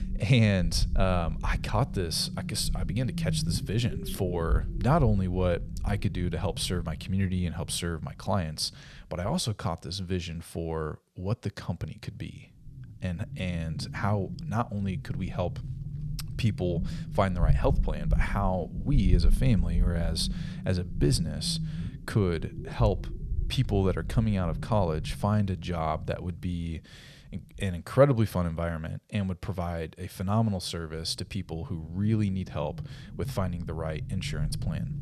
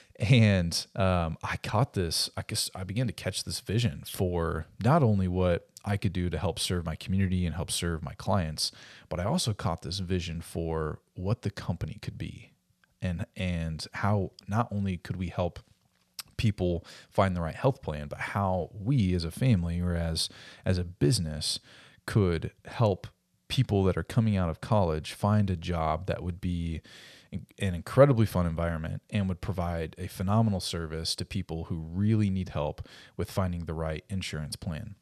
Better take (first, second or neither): second